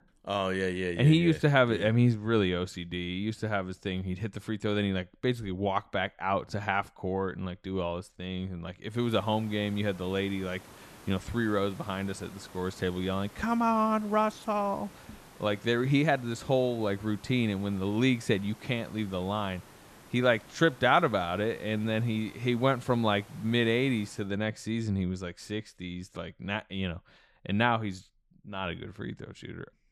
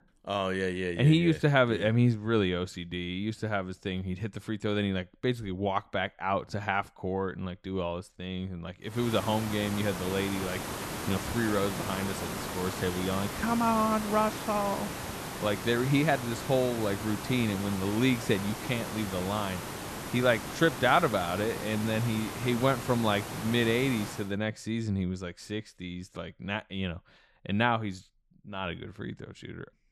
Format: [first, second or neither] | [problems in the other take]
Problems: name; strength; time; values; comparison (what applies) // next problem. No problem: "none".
first | hiss; loud; from 9 to 24 s; 7 dB below the speech; faint in the first